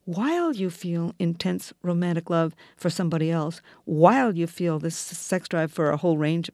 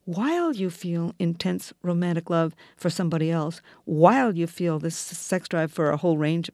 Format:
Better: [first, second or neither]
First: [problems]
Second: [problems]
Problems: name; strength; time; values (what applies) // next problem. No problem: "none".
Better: neither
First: none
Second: none